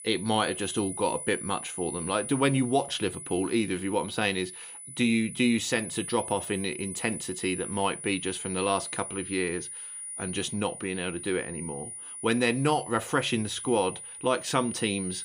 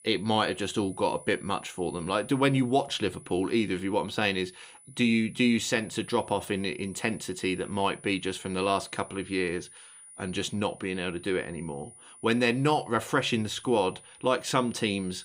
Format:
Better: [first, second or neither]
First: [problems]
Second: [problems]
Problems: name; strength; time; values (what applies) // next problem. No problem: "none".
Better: second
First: high-pitched whine; loud; throughout; 10 kHz, 8 dB below the speech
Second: high-pitched whine; faint; throughout; 10 kHz, 20 dB below the speech